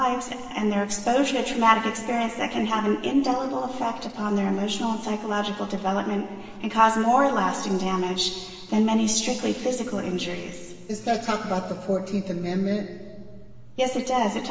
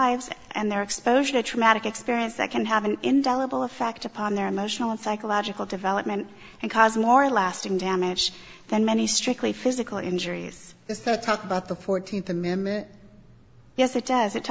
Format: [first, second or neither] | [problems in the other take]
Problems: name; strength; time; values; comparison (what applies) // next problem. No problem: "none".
second | room echo; dies away in 1.9 s